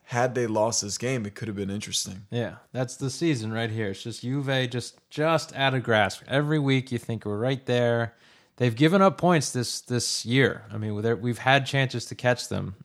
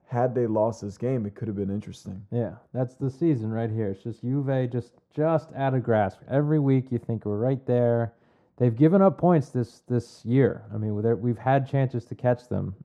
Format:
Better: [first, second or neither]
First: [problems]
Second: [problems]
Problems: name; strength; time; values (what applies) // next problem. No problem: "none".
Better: first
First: none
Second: muffled; very; fading above 1.5 kHz